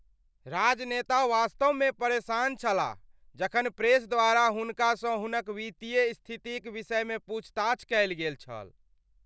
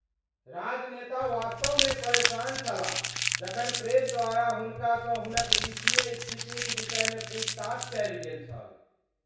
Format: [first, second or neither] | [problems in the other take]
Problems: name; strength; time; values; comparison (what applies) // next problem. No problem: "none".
first | background sound (Crumpling, crinkling); 1 dB above the speech // room echo; dies away in 0.7 s